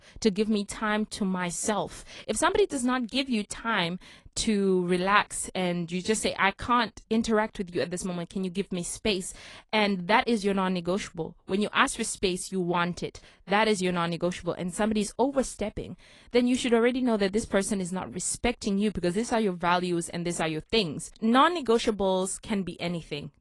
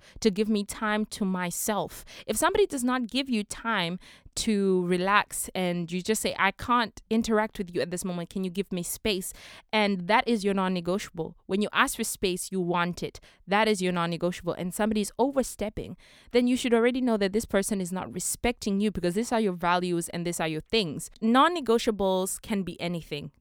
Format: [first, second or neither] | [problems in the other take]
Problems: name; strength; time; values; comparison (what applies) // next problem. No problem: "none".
second | garbled, watery; slightly; nothing above 10.5 kHz